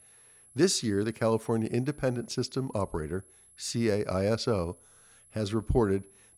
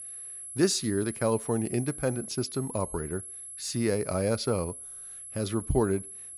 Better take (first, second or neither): first